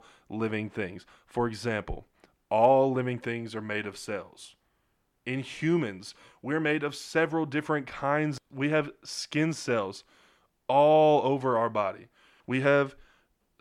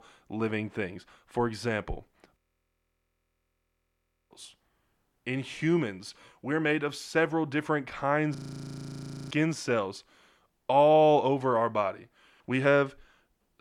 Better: first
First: none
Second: audio freezing; at 2.5 s for 2 s and at 8.5 s for 1 s

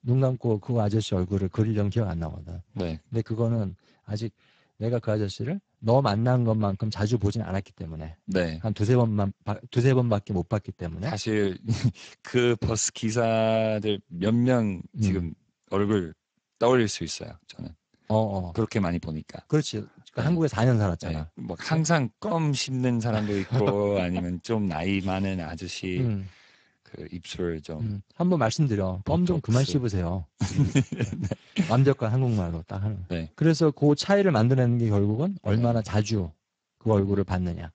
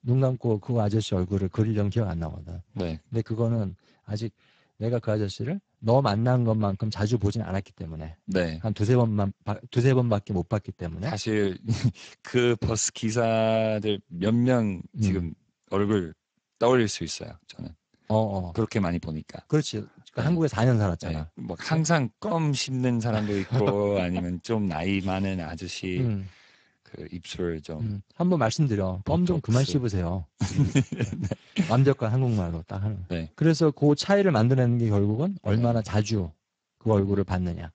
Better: neither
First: garbled, watery; badly; nothing above 7.5 kHz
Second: garbled, watery; badly; nothing above 7.5 kHz

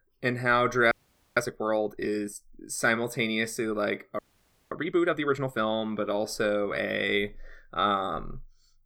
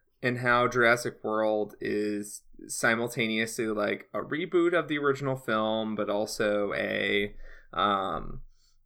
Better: second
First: audio freezing; at 1 s and at 4 s for 0.5 s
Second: none

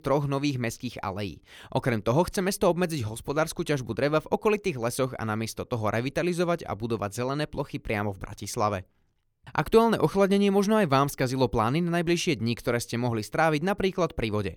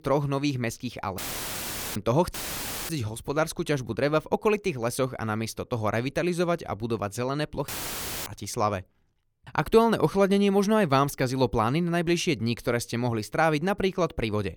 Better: first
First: none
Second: audio cutting out; filled with static; at 1 s for 1 s, at 2.5 s for 0.5 s and at 7.5 s for 0.5 s

